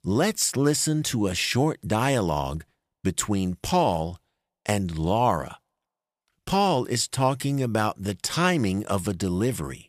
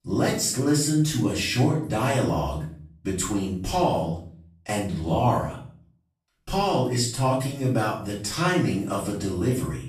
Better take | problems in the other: first | off-mic speech; far // room echo; noticeable; dies away in 0.4 s

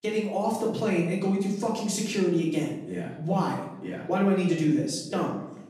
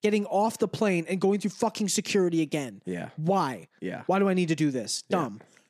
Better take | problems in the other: second | room echo; noticeable; dies away in 0.7 s // off-mic speech; far

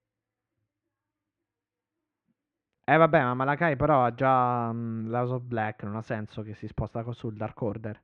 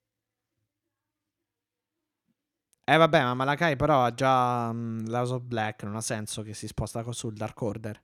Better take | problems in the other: second | muffled; very; fading above 2.5 kHz

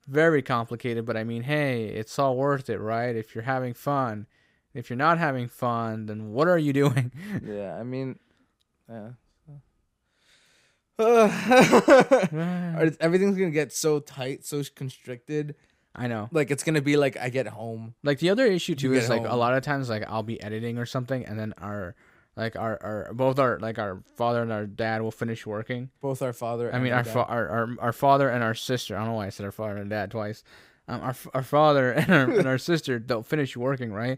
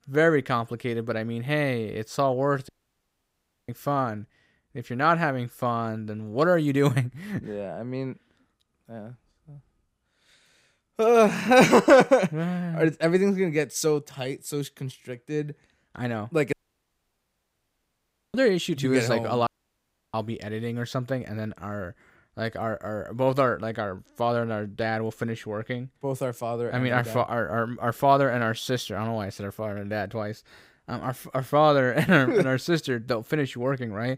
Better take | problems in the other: first | audio cutting out; at 2.5 s for 1 s, at 17 s for 2 s and at 19 s for 0.5 s

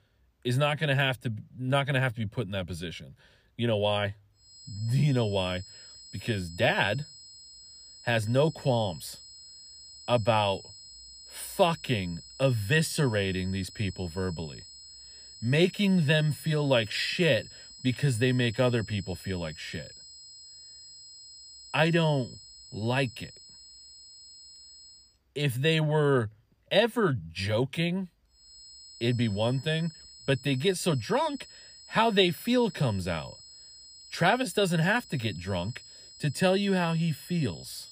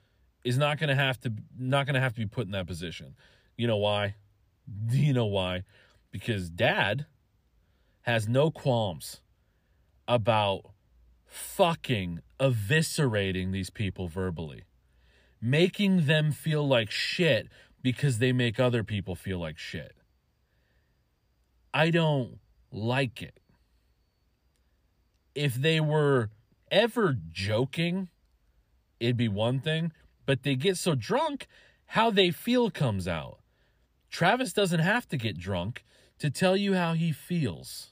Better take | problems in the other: second | high-pitched whine; noticeable; from 4.5 to 25 s and from 28 s on; 5 kHz, 20 dB below the speech

